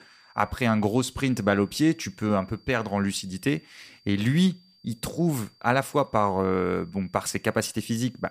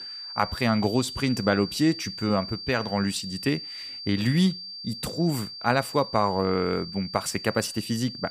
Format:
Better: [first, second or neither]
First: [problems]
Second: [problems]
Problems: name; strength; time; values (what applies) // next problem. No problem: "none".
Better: first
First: high-pitched whine; faint; throughout; 4.5 kHz, 30 dB below the speech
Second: high-pitched whine; loud; throughout; 4.5 kHz, 9 dB below the speech